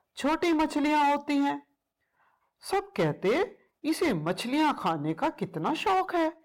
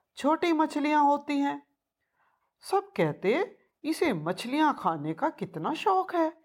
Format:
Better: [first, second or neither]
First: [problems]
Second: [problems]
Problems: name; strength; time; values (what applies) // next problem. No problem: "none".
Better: second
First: distortion; slight; 9% of the sound clipped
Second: none